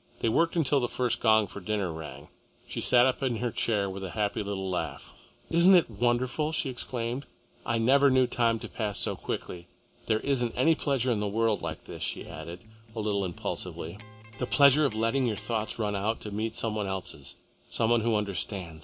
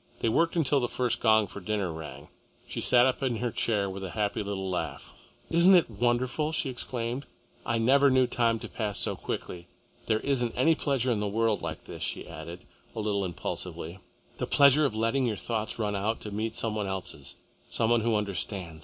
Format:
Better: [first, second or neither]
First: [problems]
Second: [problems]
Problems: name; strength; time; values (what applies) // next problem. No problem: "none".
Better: second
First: background sound (Electric guitar); 19 dB below the speech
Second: none